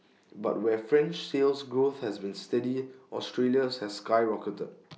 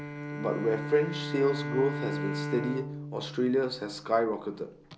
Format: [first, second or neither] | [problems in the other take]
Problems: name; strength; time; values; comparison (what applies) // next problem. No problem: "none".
first | background sound (Bowed string instrument); 6 dB below the speech